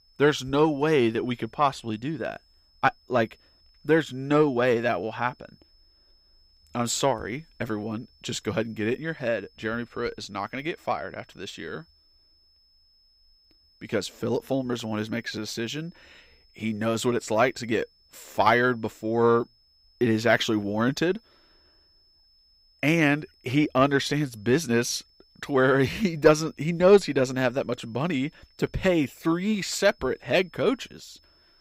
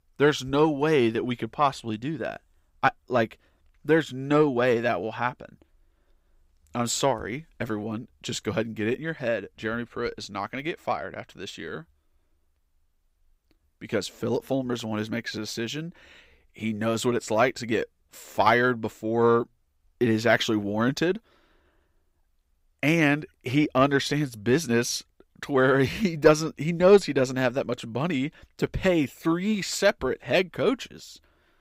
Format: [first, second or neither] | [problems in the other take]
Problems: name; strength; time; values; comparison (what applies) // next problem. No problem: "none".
second | high-pitched whine; faint; throughout; 5 kHz, 35 dB below the speech